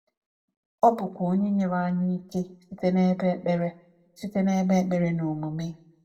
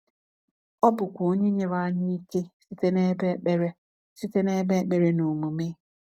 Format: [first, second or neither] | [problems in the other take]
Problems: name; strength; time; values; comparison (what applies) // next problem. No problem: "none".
second | room echo; dies away in 0.3 s